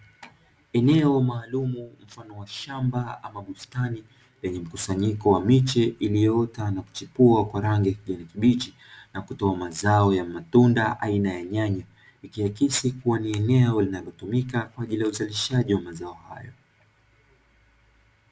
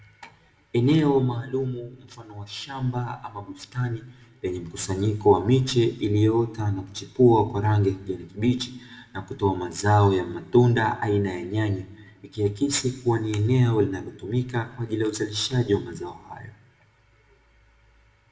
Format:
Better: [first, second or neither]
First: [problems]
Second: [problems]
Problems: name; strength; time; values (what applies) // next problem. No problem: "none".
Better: first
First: none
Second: room echo; dies away in 0.8 s